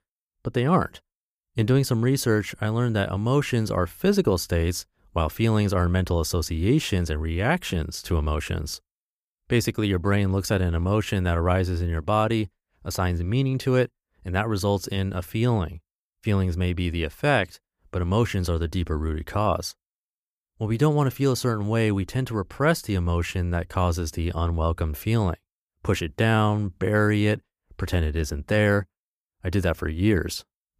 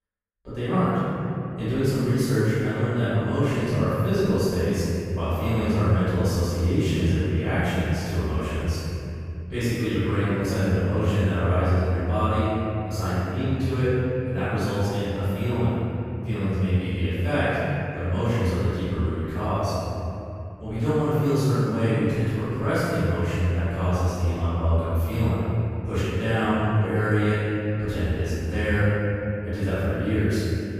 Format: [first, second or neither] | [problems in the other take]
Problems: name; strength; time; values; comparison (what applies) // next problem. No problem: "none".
first | off-mic speech; far // room echo; strong; dies away in 2.9 s